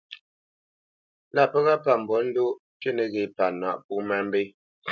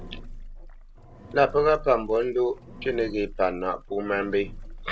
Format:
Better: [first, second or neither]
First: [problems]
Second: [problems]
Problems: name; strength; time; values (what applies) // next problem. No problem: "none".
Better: first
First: none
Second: background sound (Engine); 14 dB below the speech